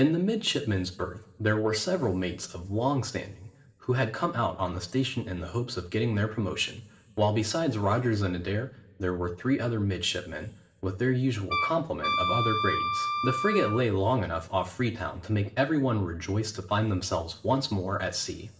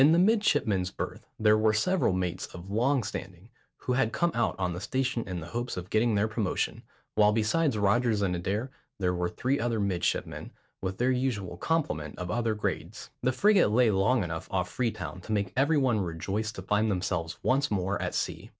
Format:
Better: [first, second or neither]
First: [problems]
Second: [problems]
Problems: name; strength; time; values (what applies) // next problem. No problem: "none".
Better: second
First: background sound (Wind instrument, woodwind instrument); 2 dB below the speech // room echo; dies away in 1.3 s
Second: none